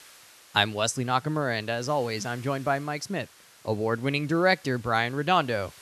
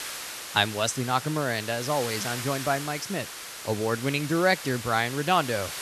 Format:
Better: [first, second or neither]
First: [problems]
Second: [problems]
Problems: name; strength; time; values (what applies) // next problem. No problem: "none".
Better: first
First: hiss; faint; throughout; 25 dB below the speech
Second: hiss; loud; throughout; 8 dB below the speech